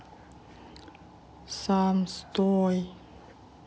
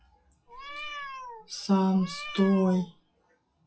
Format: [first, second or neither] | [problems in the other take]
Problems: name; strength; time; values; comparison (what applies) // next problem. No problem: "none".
first | noise reduction (classical method WPE with log-MMSE)